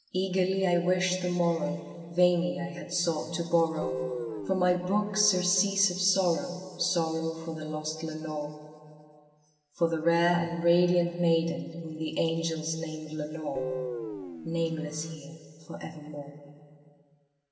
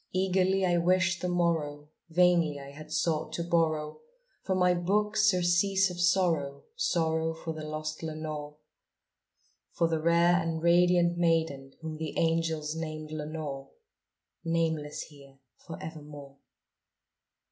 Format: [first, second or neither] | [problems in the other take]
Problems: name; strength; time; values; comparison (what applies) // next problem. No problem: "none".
second | background sound (Guitar); 7 dB below the speech // room echo; dies away in 2.4 s